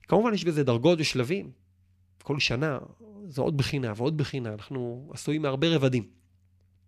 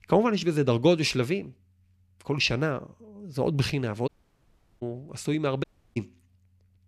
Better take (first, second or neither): first